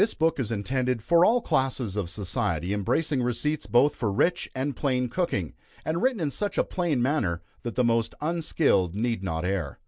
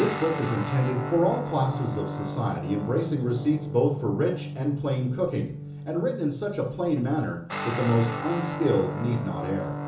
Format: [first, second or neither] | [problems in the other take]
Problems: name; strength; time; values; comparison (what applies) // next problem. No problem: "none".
first | background sound (Guitar); 7 dB below the speech // room echo; dies away in 0.6 s